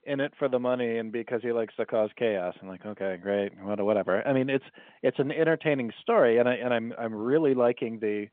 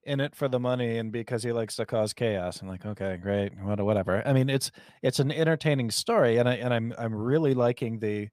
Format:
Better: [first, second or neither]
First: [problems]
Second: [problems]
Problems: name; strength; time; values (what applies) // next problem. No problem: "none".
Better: second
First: phone-call audio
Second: none